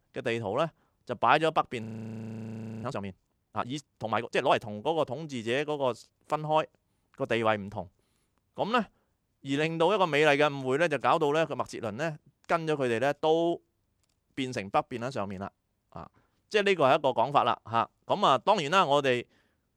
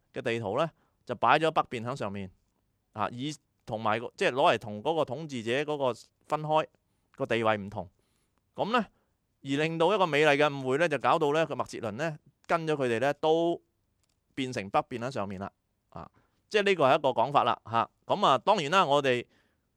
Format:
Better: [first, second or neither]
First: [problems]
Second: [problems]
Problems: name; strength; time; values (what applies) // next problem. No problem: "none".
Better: second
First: audio freezing; at 2 s for 1 s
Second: none